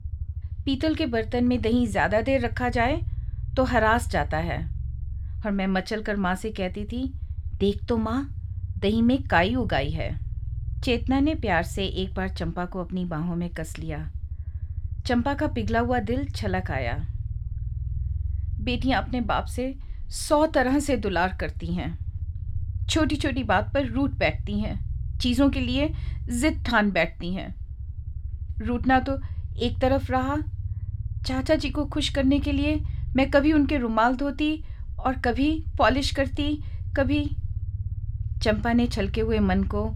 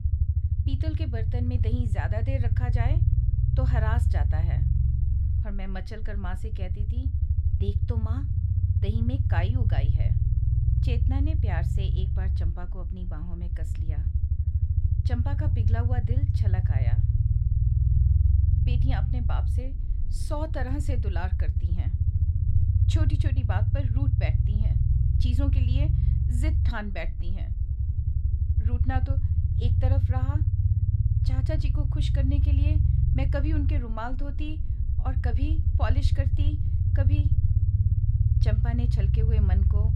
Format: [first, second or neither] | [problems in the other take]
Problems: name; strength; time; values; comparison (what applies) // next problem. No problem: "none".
first | low rumble; loud; throughout; 2 dB below the speech; faint in the first